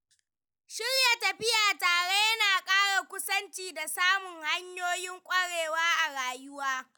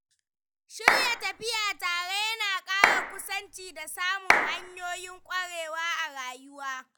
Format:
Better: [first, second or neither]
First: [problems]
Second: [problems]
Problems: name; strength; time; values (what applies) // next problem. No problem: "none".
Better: first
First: none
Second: background sound (Clapping); 4 dB above the speech